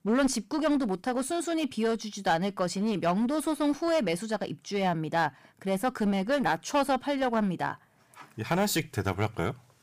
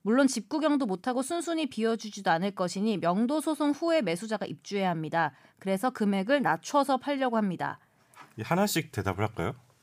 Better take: second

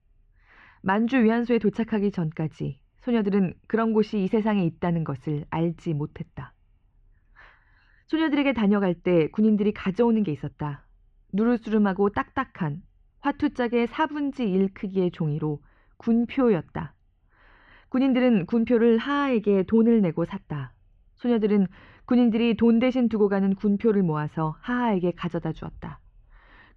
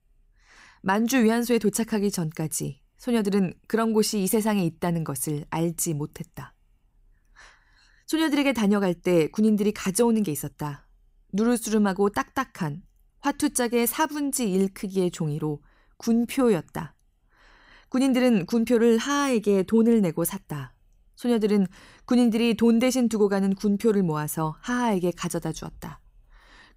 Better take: second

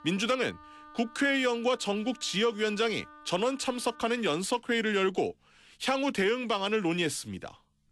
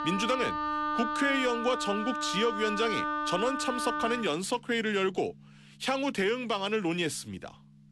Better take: first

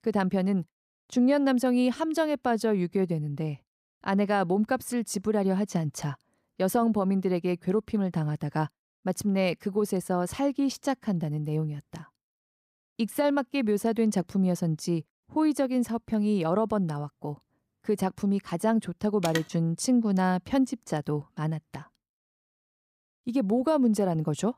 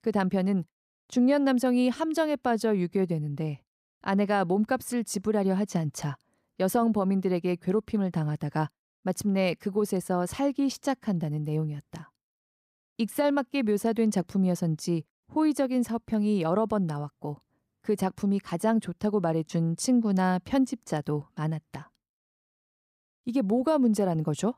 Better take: second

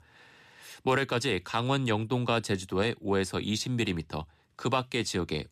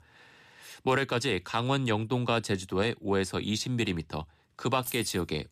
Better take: first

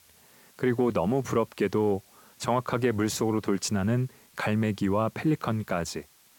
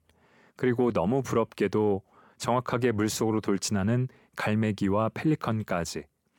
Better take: second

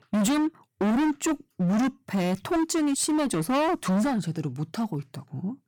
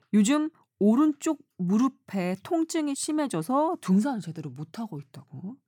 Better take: second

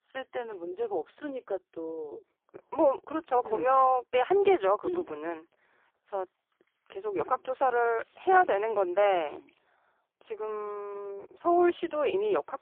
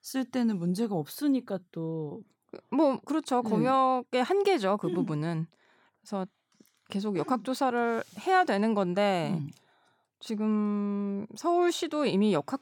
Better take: second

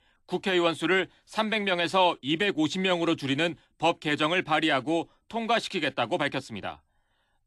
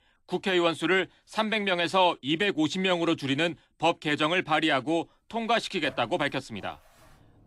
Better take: first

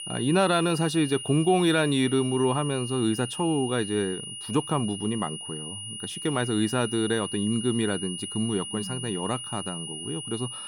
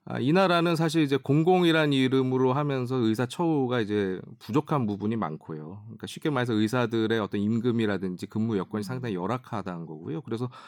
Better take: second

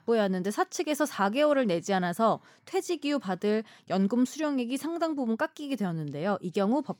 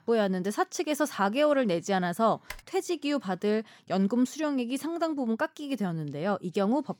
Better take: first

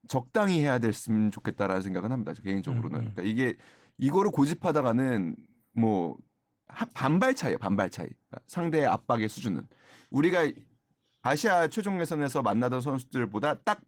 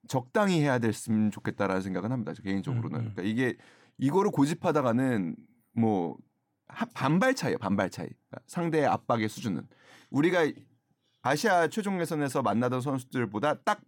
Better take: second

